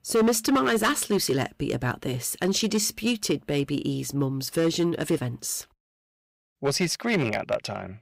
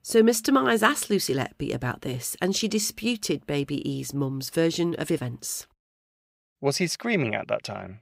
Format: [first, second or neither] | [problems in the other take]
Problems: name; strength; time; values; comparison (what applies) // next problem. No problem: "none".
second | distortion; slight; 5% of the sound clipped